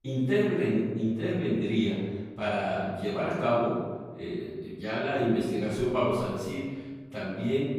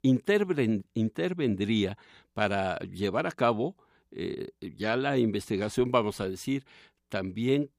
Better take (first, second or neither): second